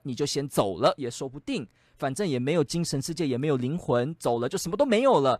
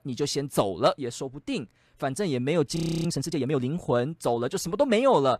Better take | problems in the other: first | audio freezing; at 3 s

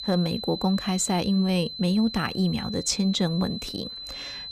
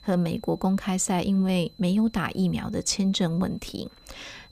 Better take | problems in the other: second | high-pitched whine; loud; throughout; 4 kHz, 9 dB below the speech; faint in the second

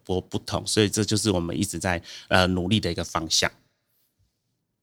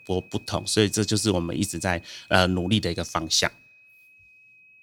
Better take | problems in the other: first | high-pitched whine; faint; throughout; 2.5 kHz, 25 dB below the speech

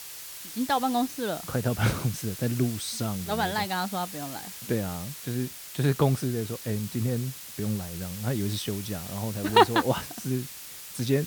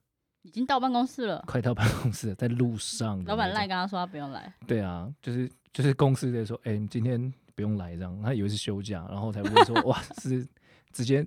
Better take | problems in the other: second | hiss; loud; throughout; 10 dB below the speech

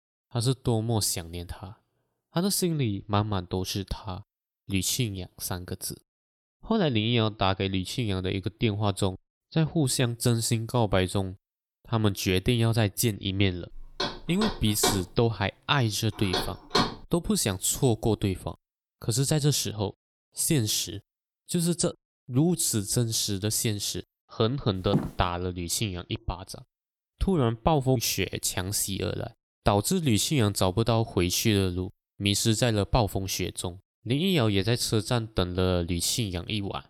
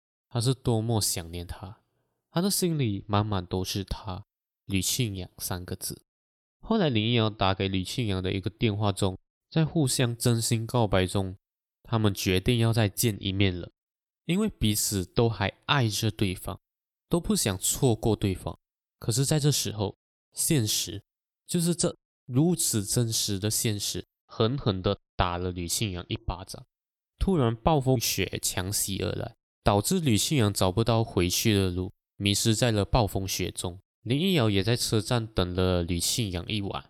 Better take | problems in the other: second | door banging; loud; from 14 to 17 s; peak 1 dB above the speech // footsteps; noticeable; at 25 s; peak 3 dB below the speech

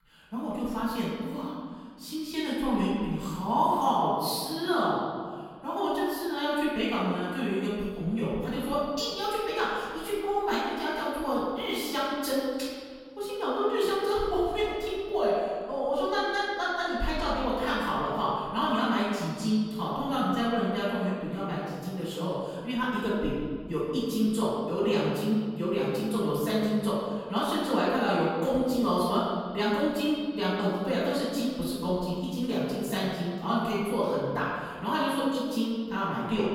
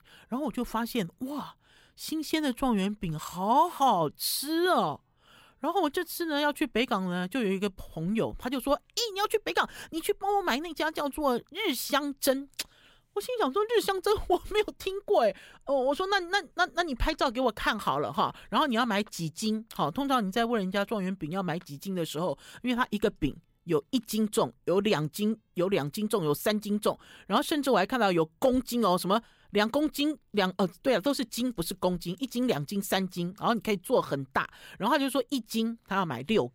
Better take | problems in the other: second | room echo; strong; dies away in 1.7 s // off-mic speech; far

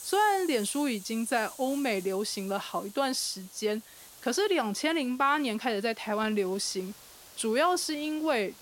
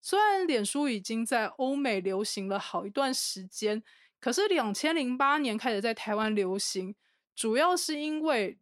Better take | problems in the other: second | hiss; noticeable; throughout; 20 dB below the speech

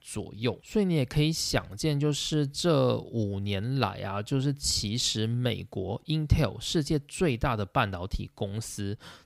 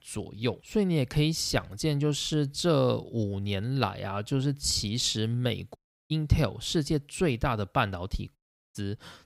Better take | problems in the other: first | audio cutting out; at 6 s and at 8.5 s

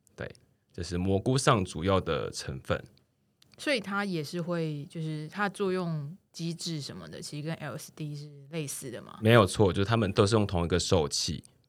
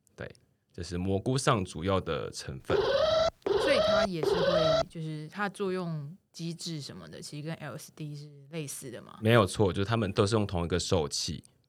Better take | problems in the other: first | alarm; loud; from 2.5 to 5 s; peak 6 dB above the speech

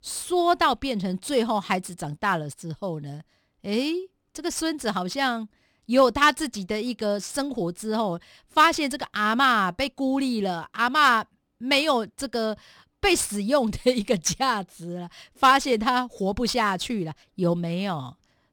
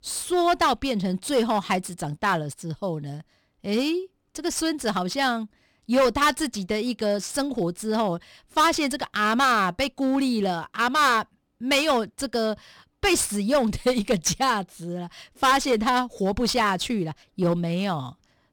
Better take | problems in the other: first | distortion; slight; 5% of the sound clipped

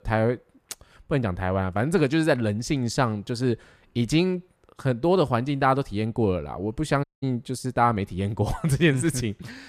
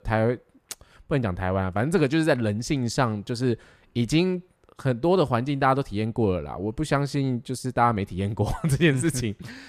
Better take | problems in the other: second | audio cutting out; at 7 s

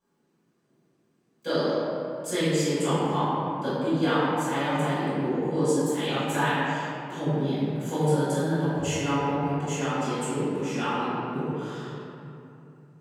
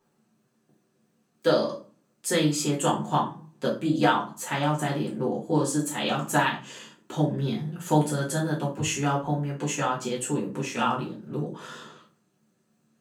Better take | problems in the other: second | room echo; strong; dies away in 3 s; slight in the second // off-mic speech; far; far in the second

